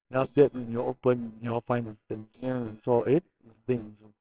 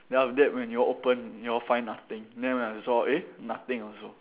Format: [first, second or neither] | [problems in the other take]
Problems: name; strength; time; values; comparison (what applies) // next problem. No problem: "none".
second | noise reduction (neural separator model SepFormer WHAMR!)